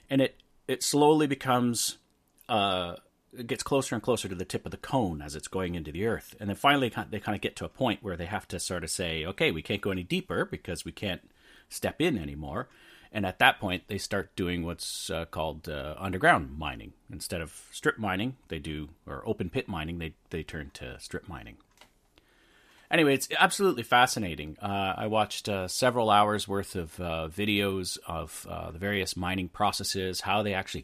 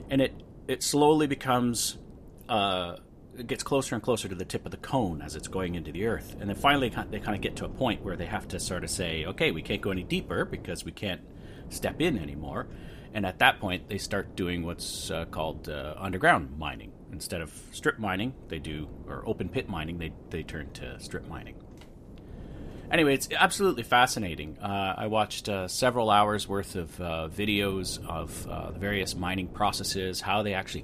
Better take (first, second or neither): first